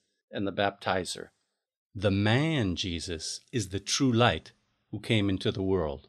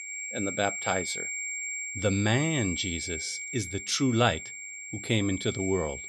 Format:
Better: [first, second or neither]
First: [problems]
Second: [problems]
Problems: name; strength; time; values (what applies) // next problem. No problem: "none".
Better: first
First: none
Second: high-pitched whine; loud; throughout; 2.5 kHz, 5 dB below the speech